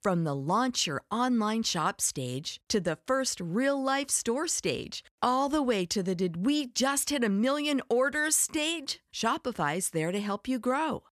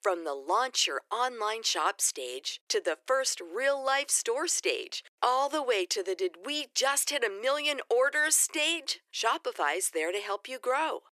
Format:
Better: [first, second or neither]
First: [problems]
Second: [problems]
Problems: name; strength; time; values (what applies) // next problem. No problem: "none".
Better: first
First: none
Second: thin; very; fading below 350 Hz